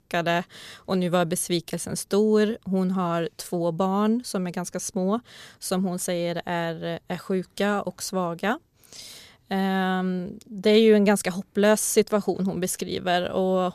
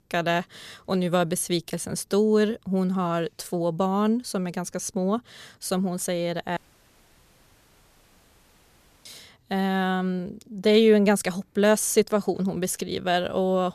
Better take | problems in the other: first | audio cutting out; at 6.5 s for 2.5 s

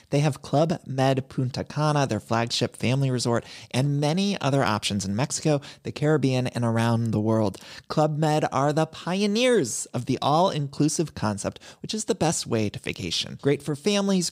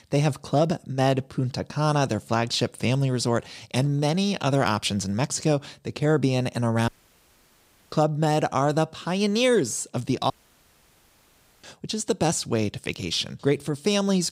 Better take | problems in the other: first | audio cutting out; at 7 s for 1 s and at 10 s for 1.5 s

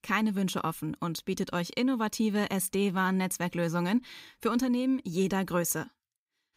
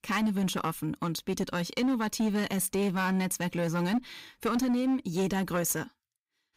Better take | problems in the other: first | distortion; slight; 10% of the sound clipped

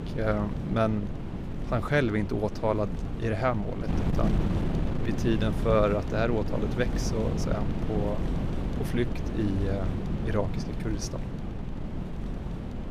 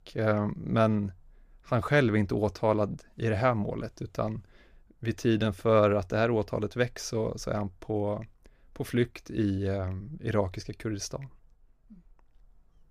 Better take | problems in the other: second | wind noise on the microphone; heavy; 8 dB below the speech

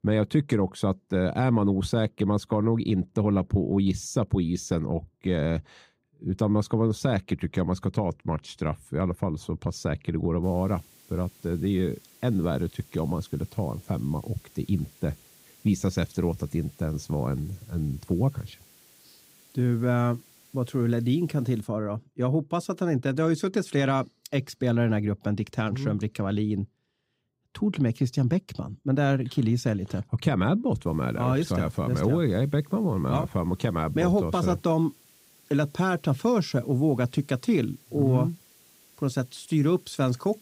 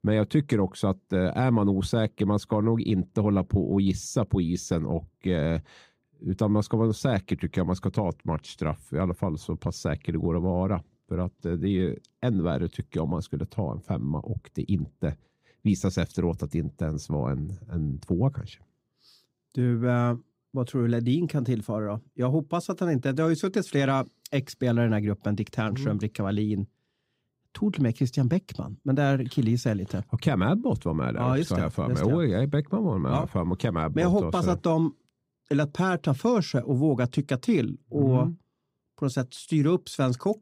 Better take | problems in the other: second | hiss; faint; from 10 to 22 s and from 31 s on; 25 dB below the speech

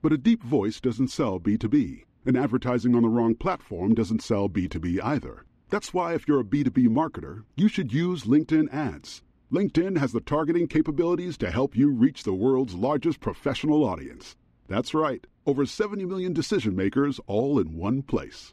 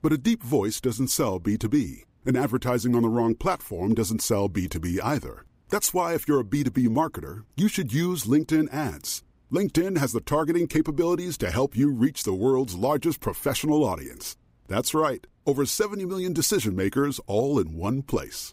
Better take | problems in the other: second | muffled; slightly; fading above 3.5 kHz

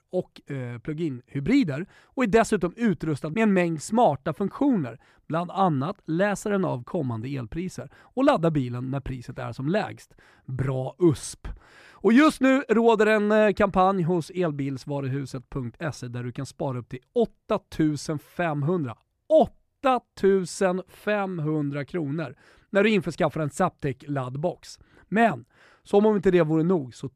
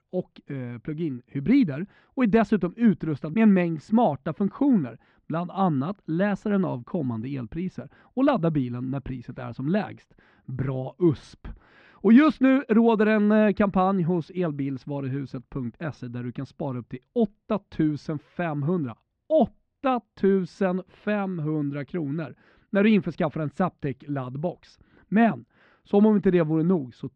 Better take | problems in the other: first | muffled; slightly; fading above 4 kHz

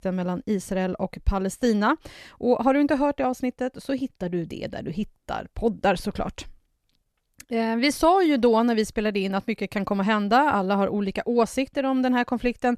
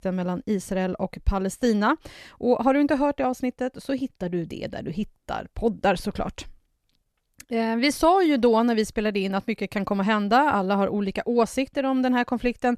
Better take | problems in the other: neither | none

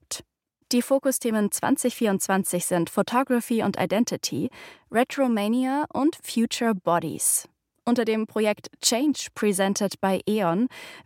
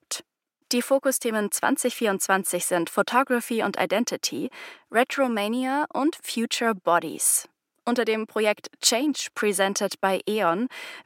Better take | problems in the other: first | thin; very slightly; fading below 300 Hz

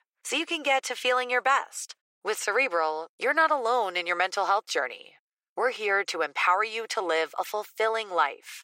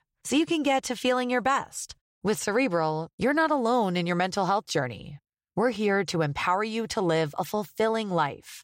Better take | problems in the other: second | thin; very; fading below 400 Hz

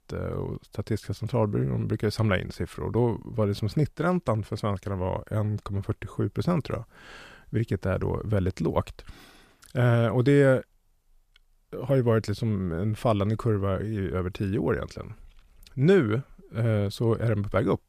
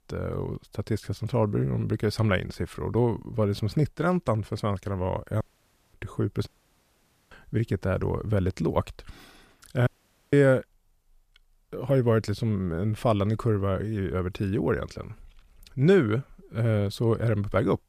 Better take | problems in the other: first | audio cutting out; at 5.5 s for 0.5 s, at 6.5 s for 1 s and at 10 s

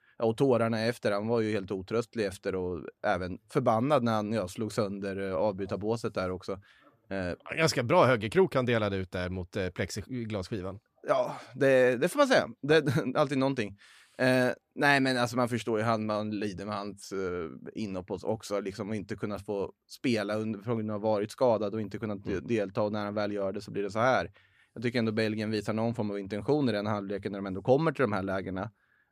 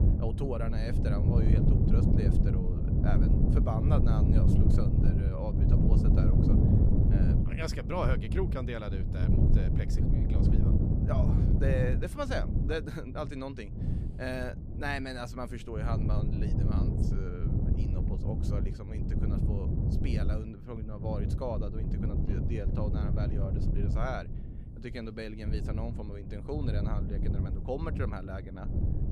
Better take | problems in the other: first | wind noise on the microphone; heavy; 1 dB below the speech

